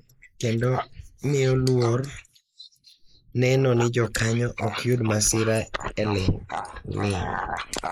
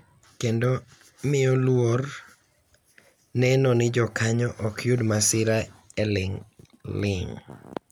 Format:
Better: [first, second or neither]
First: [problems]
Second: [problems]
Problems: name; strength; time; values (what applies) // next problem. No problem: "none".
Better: second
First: noise reduction (neural mask model Resemble Enhance denoiser)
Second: none